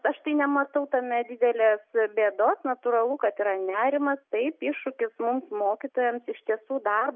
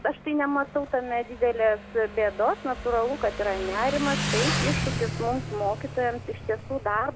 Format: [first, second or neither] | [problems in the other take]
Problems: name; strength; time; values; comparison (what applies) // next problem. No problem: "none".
first | background sound (Motorcycle); 6 dB below the speech